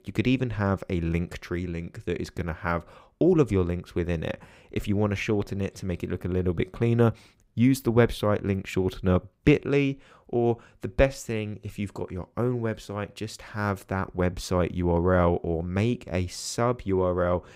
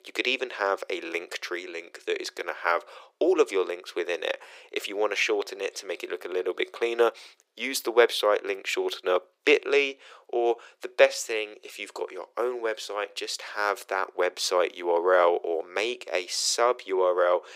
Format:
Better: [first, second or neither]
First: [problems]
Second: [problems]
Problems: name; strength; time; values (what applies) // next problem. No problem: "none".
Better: first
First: none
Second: thin; very; fading below 400 Hz